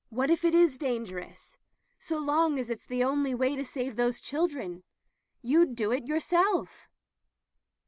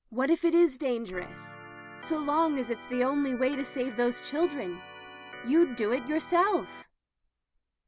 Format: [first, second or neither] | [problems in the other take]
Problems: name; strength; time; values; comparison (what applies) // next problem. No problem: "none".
first | background sound (Organ); 17 dB below the speech